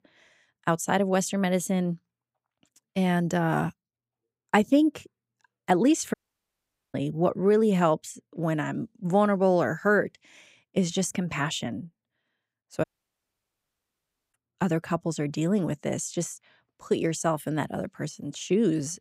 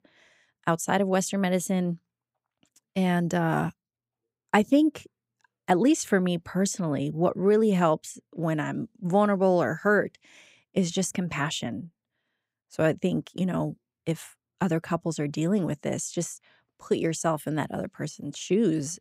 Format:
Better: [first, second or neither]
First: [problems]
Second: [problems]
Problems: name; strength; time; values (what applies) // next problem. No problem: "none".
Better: second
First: audio cutting out; at 6 s for 1 s and at 13 s for 1.5 s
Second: none